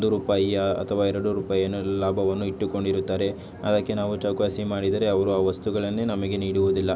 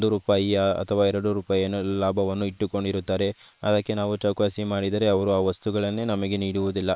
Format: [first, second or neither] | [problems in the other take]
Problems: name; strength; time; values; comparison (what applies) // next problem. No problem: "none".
first | noise reduction (neural separator model SepFormer WHAM!)